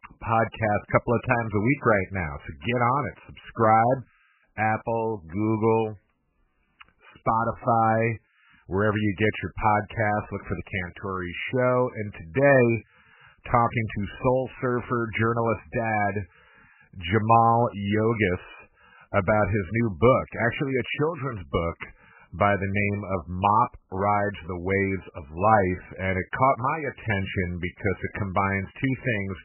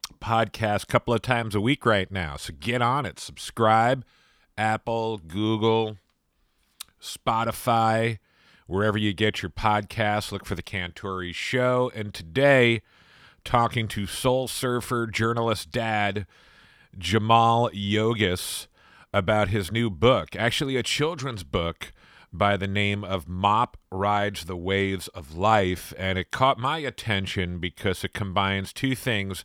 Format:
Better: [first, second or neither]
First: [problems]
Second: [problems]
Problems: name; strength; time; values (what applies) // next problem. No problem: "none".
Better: second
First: garbled, watery; badly; nothing above 3 kHz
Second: none